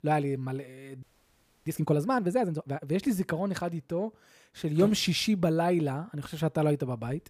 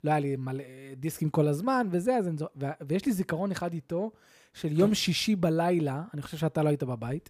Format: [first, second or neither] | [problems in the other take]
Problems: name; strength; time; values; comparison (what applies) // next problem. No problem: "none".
second | audio freezing; at 1 s for 0.5 s